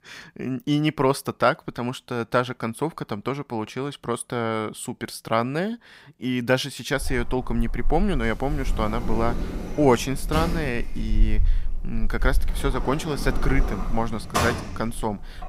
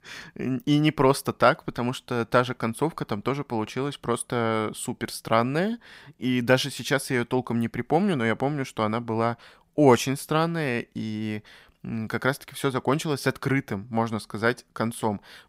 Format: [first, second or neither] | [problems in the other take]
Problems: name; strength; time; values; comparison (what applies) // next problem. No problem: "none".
second | door banging; loud; from 7 s on; peak 2 dB above the speech